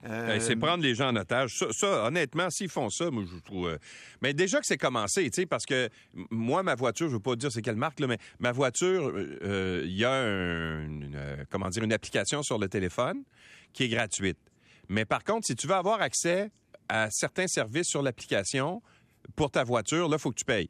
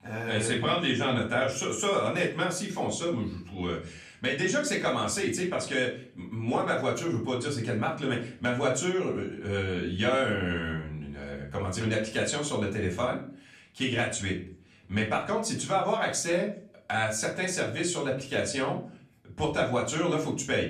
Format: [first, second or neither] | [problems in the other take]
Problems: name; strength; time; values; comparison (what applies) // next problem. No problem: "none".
first | off-mic speech; far // room echo; slight; dies away in 0.4 s